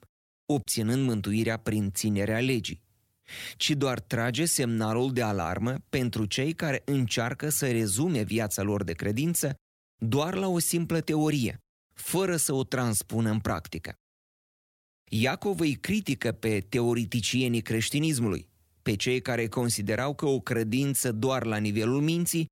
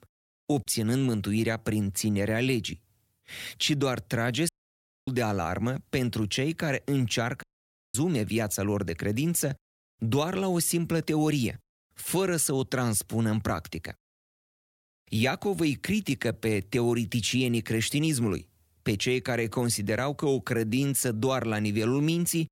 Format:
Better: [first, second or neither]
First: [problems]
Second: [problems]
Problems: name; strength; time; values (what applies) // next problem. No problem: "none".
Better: first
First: none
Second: audio cutting out; at 4.5 s for 0.5 s and at 7.5 s for 0.5 s